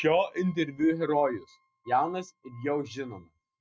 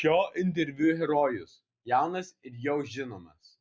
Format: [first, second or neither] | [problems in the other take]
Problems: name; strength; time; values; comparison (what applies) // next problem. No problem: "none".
second | noise reduction (neural mask model RNNoise)